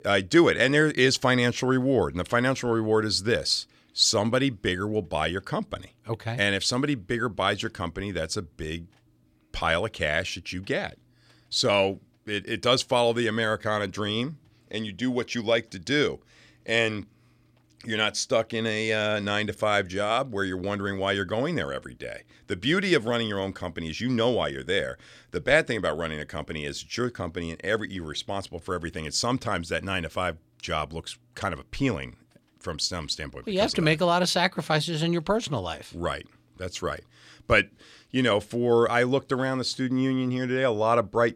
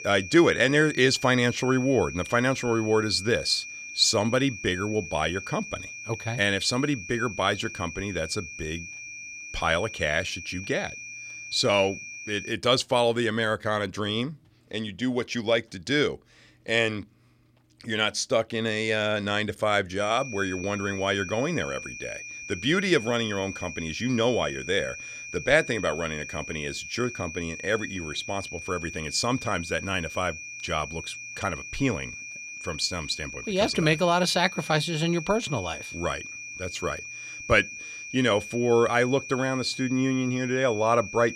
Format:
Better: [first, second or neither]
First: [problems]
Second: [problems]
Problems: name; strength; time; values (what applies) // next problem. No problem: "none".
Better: first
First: none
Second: high-pitched whine; noticeable; until 13 s and from 20 s on; 2.5 kHz, 10 dB below the speech